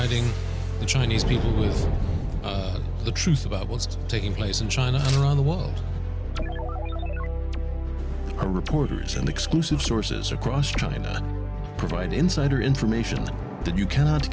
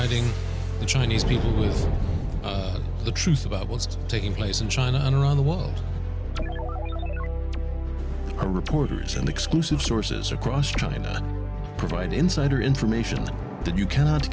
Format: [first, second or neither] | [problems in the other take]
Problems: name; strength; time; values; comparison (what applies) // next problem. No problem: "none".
second | background sound (Tearing); 17 dB below the speech